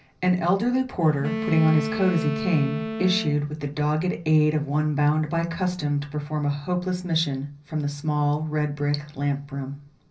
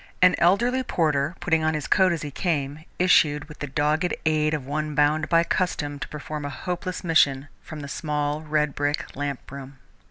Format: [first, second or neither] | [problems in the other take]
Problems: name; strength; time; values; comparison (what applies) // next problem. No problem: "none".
second | background sound (Wind instrument, woodwind instrument); 7 dB below the speech // room echo; dies away in 0.5 s